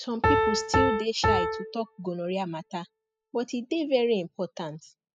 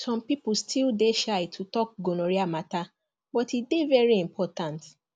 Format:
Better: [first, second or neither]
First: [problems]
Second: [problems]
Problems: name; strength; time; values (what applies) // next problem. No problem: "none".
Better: second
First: noise reduction (classical method spectral subtraction)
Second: none